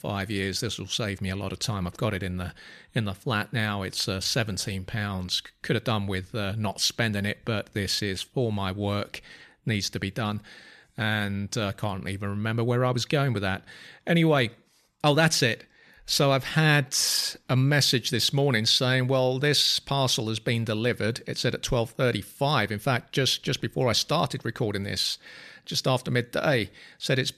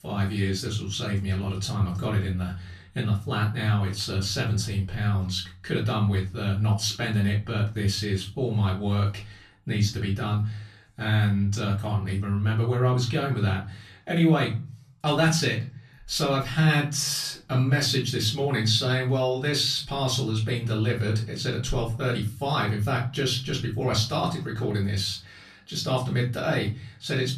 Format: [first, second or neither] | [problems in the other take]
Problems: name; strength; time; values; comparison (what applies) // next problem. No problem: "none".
first | off-mic speech; far // room echo; slight; dies away in 0.4 s